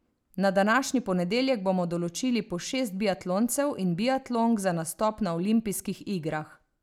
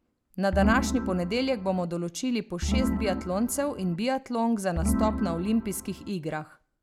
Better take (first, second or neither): first